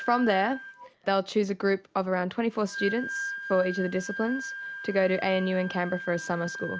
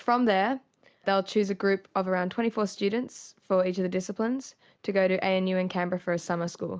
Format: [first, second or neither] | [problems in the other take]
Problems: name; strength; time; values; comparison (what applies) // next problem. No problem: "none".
second | background sound (Wind instrument, woodwind instrument); 10 dB below the speech